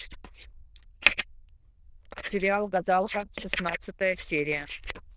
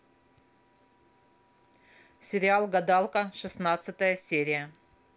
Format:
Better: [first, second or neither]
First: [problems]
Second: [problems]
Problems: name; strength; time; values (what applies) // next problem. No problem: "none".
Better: second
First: noise reduction (neural diffusion model UNIVERSE++)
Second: none